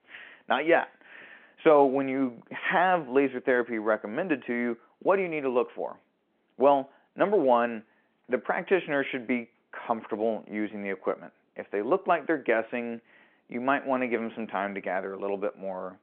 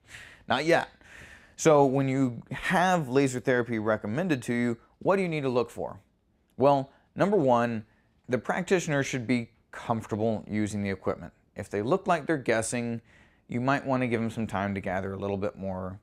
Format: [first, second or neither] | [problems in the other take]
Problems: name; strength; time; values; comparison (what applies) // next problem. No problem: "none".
second | phone-call audio